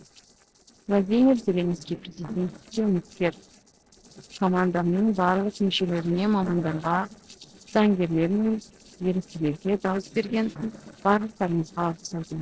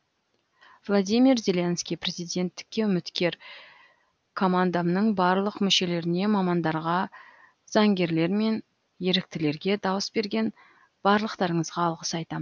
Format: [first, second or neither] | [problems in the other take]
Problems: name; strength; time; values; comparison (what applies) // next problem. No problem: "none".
second | noise reduction (neural separator model SepFormer DNS4)